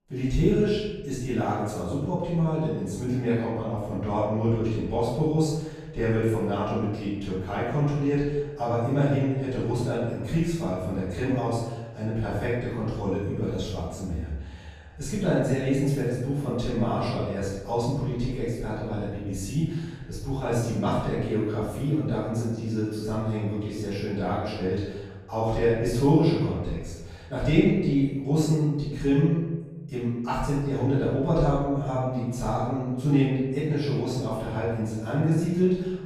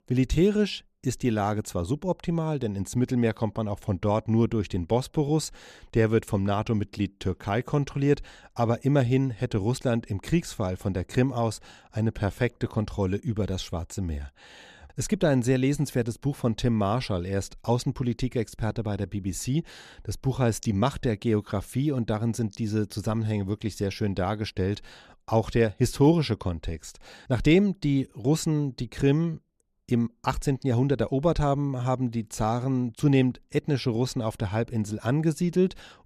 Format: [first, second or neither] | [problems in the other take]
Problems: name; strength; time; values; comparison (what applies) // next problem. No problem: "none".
second | off-mic speech; far // room echo; strong; dies away in 1 s